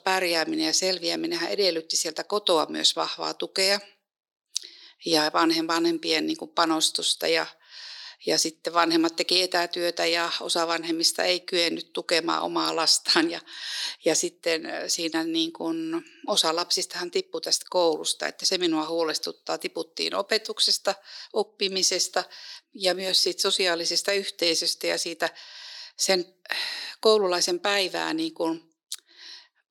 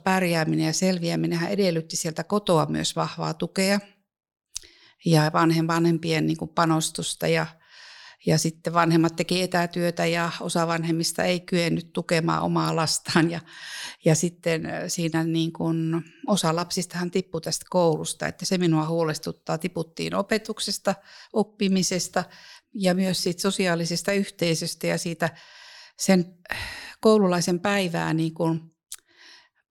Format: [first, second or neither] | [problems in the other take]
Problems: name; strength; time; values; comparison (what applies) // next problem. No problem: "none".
second | thin; very; fading below 300 Hz